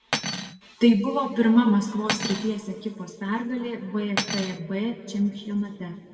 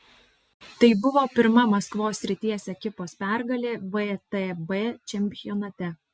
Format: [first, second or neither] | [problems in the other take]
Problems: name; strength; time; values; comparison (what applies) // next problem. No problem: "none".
second | background sound (Cutlery, silverware); 10 dB below the speech // room echo; dies away in 2.3 s